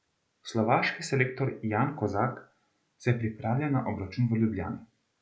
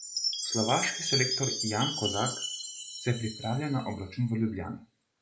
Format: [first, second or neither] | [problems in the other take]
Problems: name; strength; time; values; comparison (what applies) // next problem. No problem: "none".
first | background sound (Chime); 3 dB below the speech